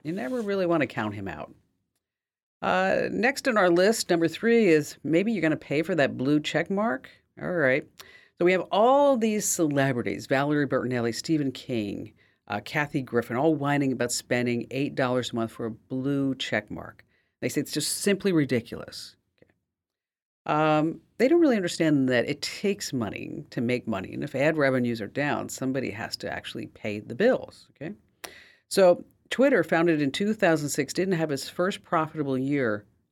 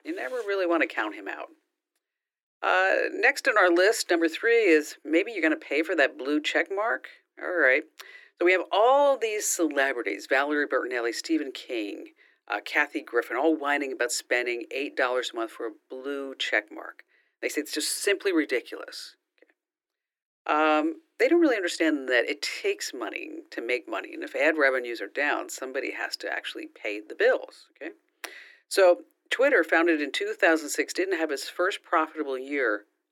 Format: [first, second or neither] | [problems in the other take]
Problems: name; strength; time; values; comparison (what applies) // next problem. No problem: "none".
first | thin; somewhat; fading below 300 Hz